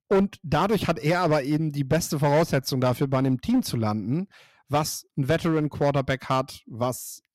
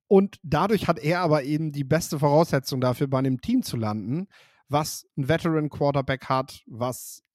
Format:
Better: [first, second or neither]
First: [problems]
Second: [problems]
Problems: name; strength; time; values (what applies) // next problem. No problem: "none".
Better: second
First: distortion; slight; 7% of the sound clipped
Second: none